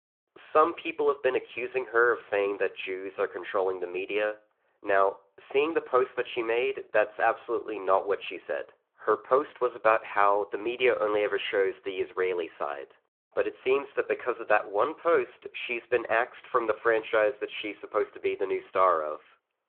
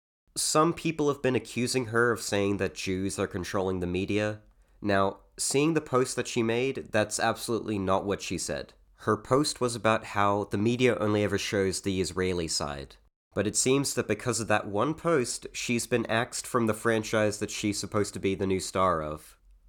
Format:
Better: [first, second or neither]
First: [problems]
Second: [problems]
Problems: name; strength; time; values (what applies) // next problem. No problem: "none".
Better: second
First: phone-call audio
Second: none